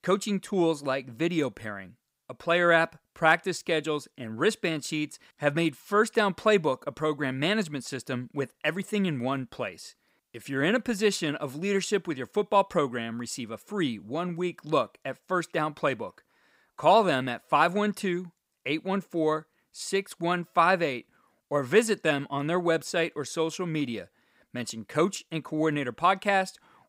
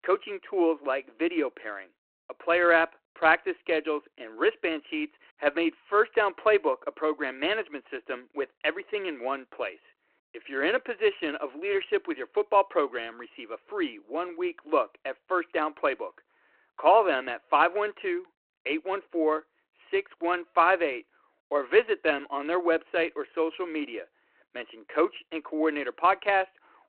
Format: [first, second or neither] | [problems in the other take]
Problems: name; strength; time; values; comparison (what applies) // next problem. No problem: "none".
first | phone-call audio